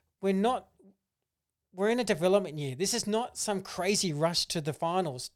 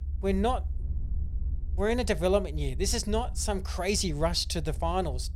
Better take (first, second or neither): first